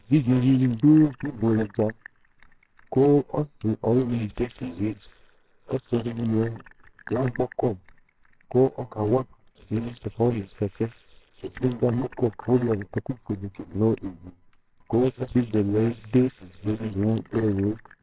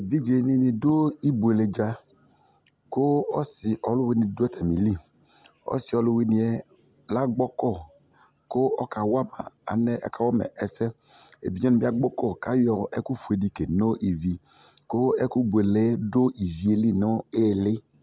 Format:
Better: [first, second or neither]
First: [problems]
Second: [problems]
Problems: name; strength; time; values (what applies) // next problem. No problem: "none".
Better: second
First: noise reduction (neural separator model SepFormer WHAMR!)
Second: none